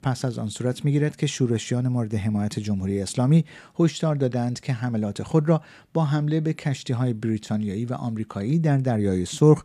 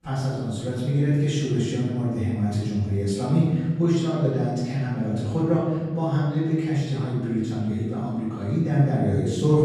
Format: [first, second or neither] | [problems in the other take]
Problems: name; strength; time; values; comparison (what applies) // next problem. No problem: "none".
first | off-mic speech; far // room echo; strong; dies away in 1.6 s